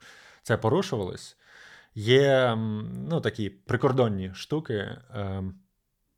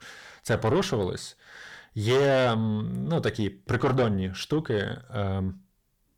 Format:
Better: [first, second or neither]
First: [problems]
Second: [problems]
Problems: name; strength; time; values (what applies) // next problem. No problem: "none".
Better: first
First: none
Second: distortion; heavy; 7 dB below the speech